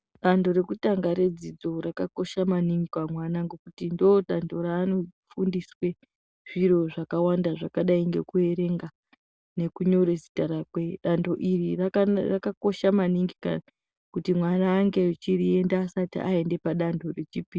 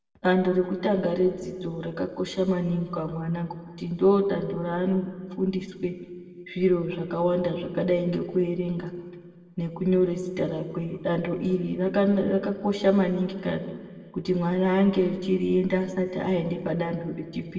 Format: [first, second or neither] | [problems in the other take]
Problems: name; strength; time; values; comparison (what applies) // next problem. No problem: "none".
first | room echo; dies away in 1.3 s